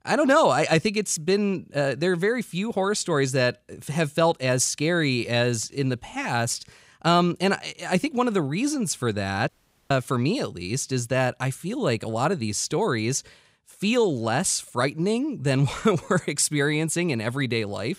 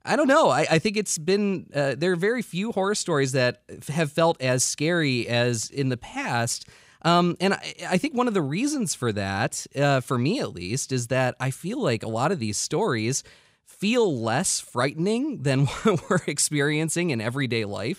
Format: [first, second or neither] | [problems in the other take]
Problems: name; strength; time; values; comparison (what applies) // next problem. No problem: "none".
second | audio cutting out; at 9.5 s